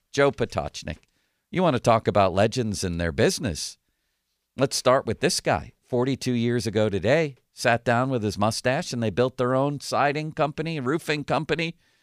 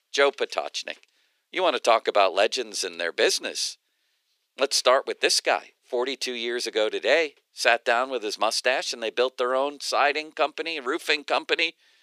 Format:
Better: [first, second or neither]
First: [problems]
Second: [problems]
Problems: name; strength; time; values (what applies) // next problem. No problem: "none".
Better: first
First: none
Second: thin; very; fading below 350 Hz